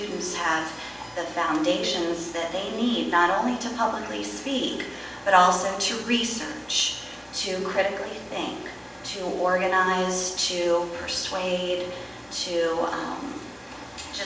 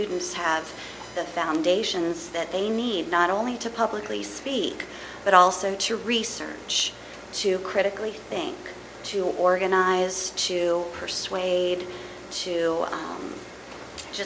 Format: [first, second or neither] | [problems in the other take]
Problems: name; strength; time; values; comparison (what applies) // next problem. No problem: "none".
second | room echo; dies away in 0.9 s